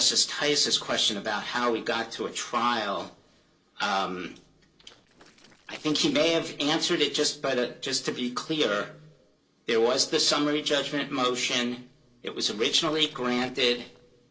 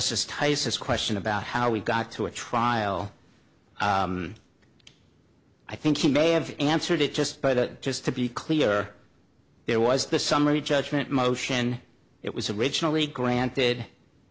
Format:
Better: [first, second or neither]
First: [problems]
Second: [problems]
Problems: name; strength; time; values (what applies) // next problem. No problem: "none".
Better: second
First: noise reduction (neural separator model SepFormer DNS4)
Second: none